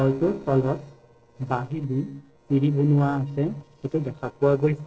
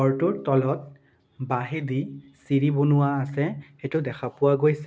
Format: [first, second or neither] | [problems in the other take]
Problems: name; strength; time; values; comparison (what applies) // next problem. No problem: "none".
second | noise reduction (neural separator model SepFormer DNS4)